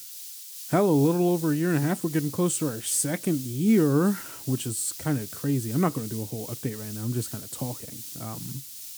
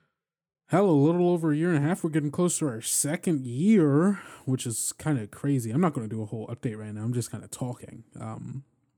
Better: second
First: hiss; noticeable; throughout; 10 dB below the speech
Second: none

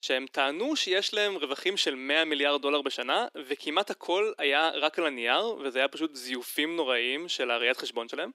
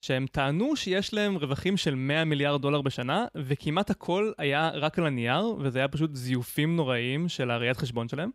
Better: second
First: thin; somewhat; fading below 300 Hz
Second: none

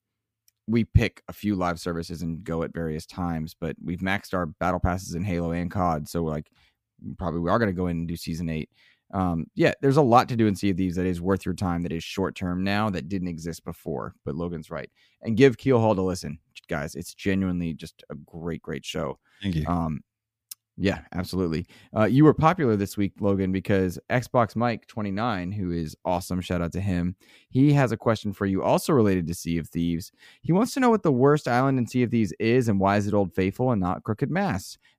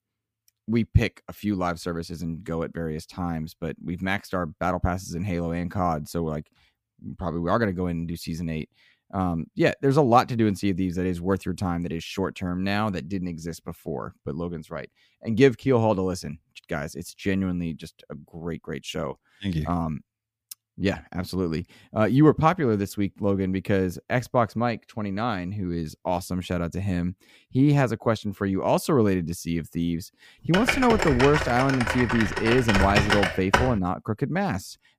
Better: first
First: none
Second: keyboard typing; loud; from 31 to 34 s; peak 4 dB above the speech

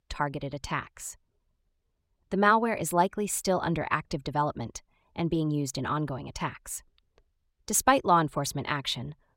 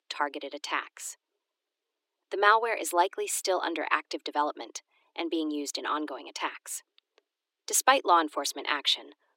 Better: first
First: none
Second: thin; somewhat; fading below 300 Hz

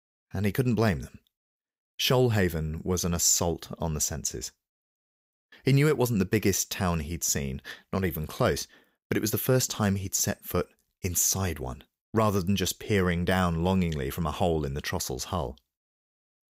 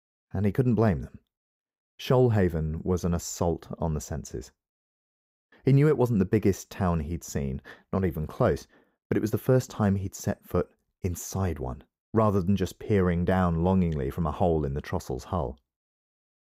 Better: first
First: none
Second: muffled; slightly; fading above 2 kHz

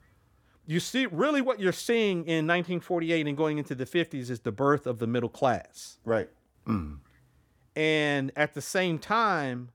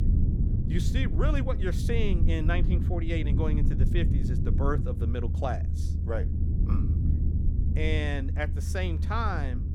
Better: first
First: none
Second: low rumble; loud; throughout; 7 dB below the speech

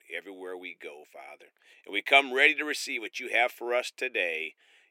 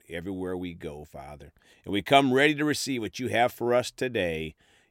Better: second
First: thin; somewhat; fading below 350 Hz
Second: none

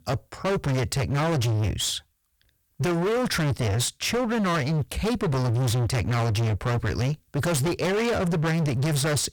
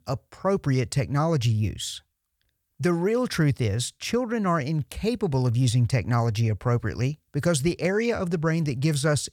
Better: second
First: distortion; heavy; 40% of the sound clipped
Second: none

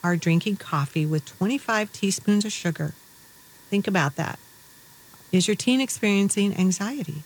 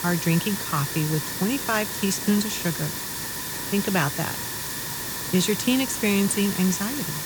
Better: first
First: hiss; faint; throughout; 25 dB below the speech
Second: hiss; loud; throughout; 3 dB below the speech

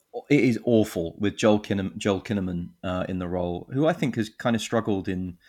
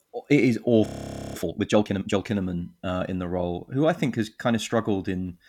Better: first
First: none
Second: audio freezing; at 1 s for 0.5 s

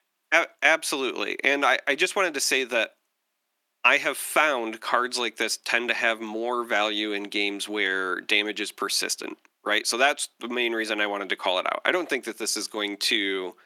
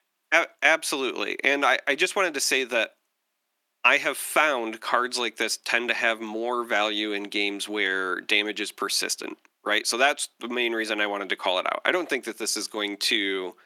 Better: neither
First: thin; very; fading below 350 Hz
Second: thin; very; fading below 350 Hz

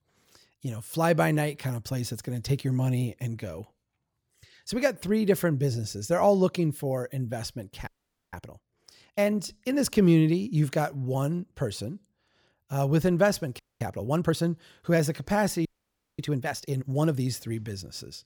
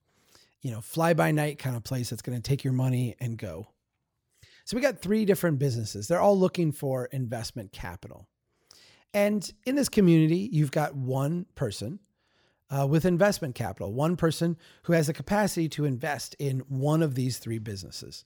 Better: second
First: audio freezing; at 8 s, at 14 s and at 16 s for 0.5 s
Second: none

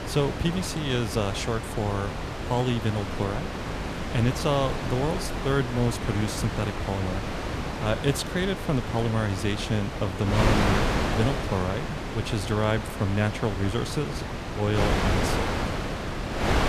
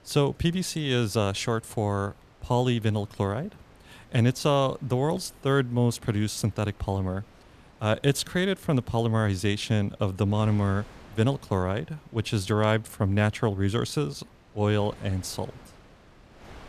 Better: second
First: wind noise on the microphone; heavy; 1 dB below the speech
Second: wind noise on the microphone; occasional gusts; 25 dB below the speech

